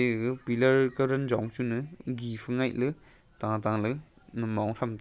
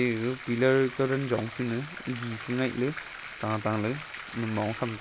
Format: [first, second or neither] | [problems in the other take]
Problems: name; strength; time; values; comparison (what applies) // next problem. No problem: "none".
first | background sound (Bathtub (filling or washing)); 12 dB below the speech